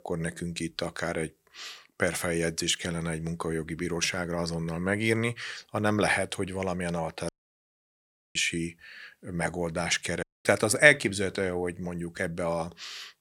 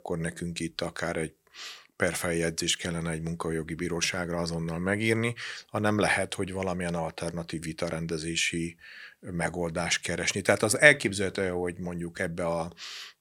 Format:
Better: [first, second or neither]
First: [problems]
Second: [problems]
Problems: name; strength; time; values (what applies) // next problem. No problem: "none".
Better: second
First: audio cutting out; at 7.5 s for 1 s and at 10 s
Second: none